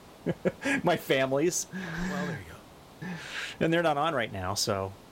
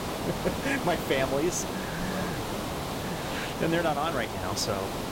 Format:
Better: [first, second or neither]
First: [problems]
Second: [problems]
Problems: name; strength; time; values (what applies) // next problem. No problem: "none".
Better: first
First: hiss; faint; throughout; 25 dB below the speech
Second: hiss; loud; throughout; 2 dB below the speech